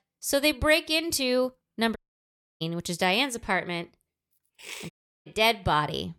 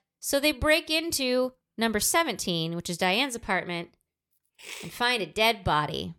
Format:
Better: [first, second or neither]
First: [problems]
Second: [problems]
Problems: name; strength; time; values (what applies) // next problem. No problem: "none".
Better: second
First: audio cutting out; at 2 s for 0.5 s and at 5 s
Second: none